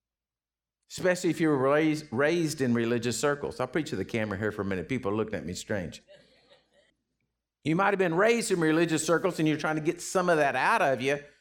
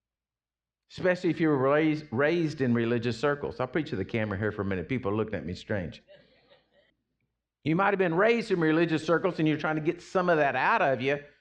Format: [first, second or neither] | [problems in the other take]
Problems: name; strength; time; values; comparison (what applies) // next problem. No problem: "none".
first | muffled; slightly; fading above 4 kHz